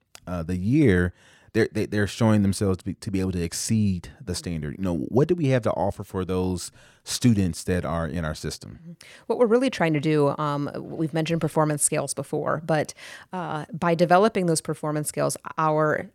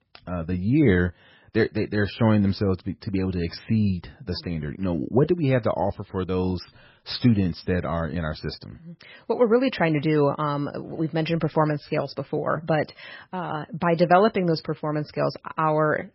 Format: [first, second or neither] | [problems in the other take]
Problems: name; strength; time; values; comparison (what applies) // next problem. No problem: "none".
first | garbled, watery; badly; nothing above 5.5 kHz